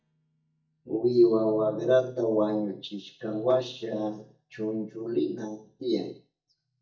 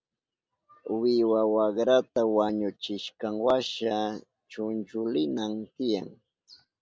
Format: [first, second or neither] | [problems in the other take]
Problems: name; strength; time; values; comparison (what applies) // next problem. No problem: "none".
second | noise reduction (neural mask model DeepFilterNet 3)